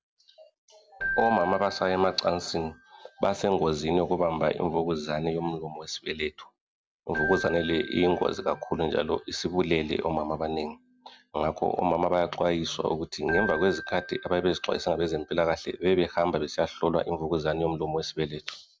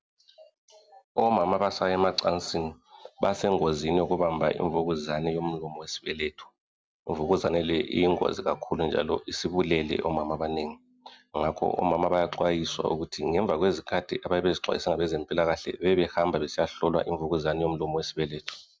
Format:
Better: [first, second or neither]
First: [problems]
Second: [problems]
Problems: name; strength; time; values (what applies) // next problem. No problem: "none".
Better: second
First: background sound (Keyboard (musical)); 14 dB below the speech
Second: none